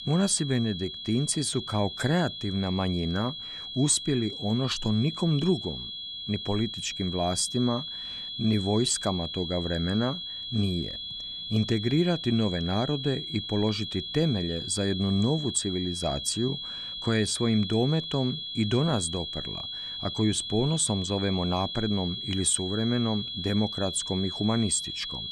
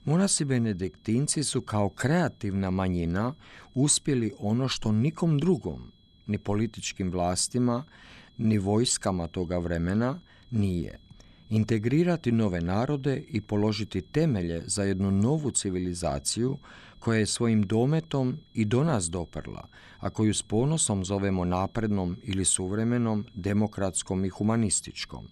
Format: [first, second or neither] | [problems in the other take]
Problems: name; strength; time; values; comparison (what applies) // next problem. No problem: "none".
second | high-pitched whine; loud; throughout; 3.5 kHz, 6 dB below the speech; faint in the second